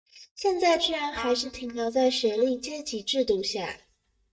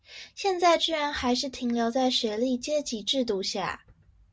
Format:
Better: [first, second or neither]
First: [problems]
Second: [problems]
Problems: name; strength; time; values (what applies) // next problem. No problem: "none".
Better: second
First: noise reduction (neural mask model DeepFilterNet 3)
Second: none